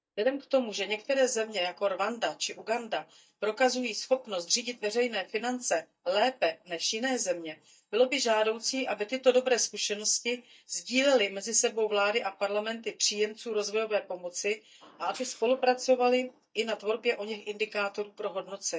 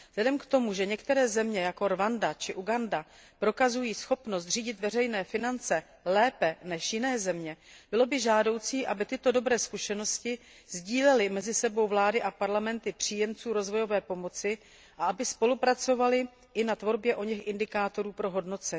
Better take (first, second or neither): second